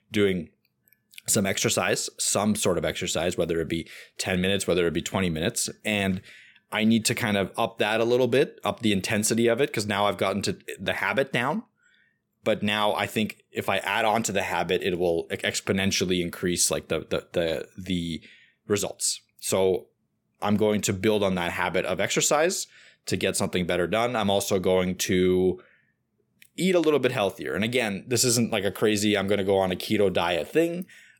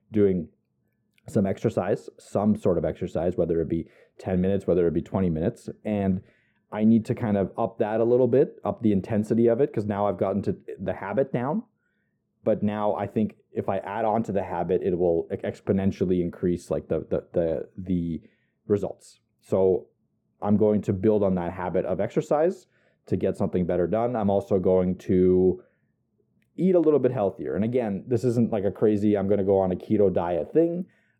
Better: first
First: none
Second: muffled; very; fading above 1.5 kHz

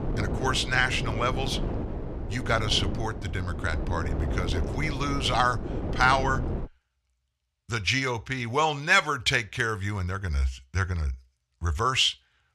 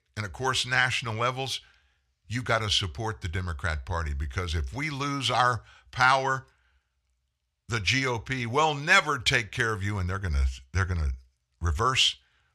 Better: second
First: wind noise on the microphone; occasional gusts; until 6.5 s; 15 dB below the speech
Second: none

